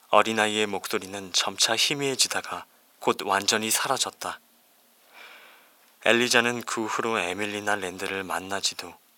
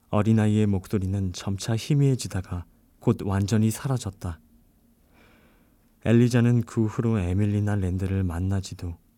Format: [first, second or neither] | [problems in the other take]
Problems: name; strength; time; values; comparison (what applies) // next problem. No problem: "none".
second | thin; very; fading below 750 Hz